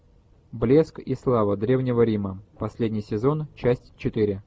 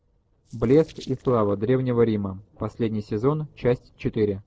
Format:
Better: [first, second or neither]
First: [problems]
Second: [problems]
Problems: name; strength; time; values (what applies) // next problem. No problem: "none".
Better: first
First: none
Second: noise reduction (neural separator model SepFormer DNS4)